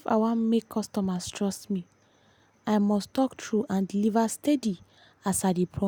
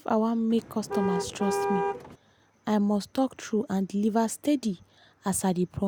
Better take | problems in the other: first | background sound (Car); 2 dB below the speech

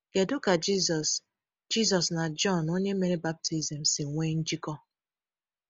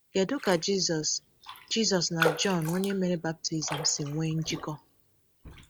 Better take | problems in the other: first | background sound (Raindrop); 9 dB below the speech

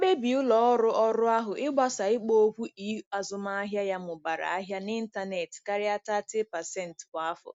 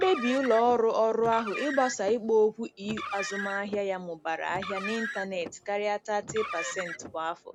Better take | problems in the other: first | background sound (Car); 11 dB below the speech

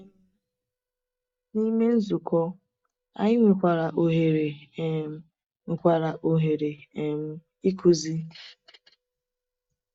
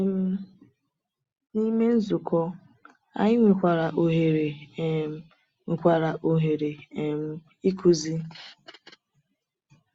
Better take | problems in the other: second | noise reduction (neural mask model DeepFilterNet 3)

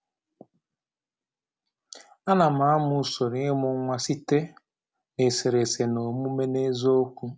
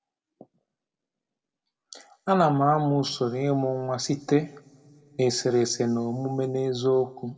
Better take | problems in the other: first | room echo; dies away in 2.3 s

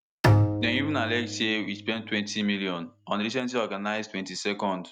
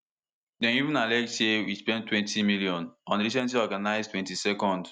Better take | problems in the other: second | background sound (Bowed string instrument); 1 dB above the speech

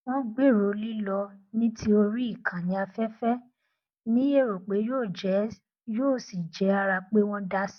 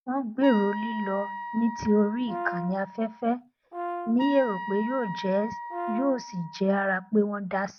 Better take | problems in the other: first | background sound (Wind instrument, woodwind instrument + Brass instrument); 9 dB below the speech

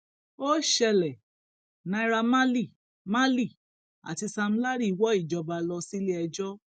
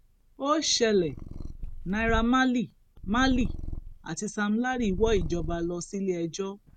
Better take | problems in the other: first | background sound (Purr); 8 dB below the speech

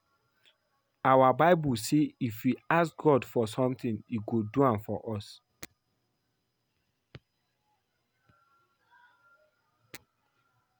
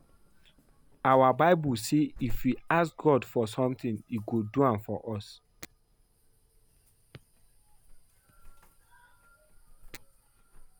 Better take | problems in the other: first | background sound (Alarm / Insect); 14 dB below the speech

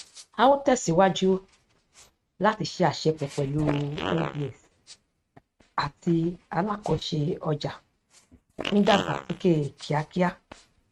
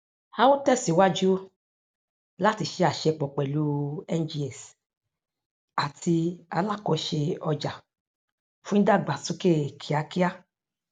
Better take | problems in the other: second | noise reduction (neural mask model RNNoise)

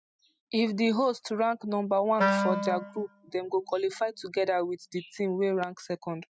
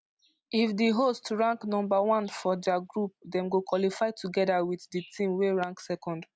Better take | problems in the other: second | noise reduction (classical method spectral subtraction)

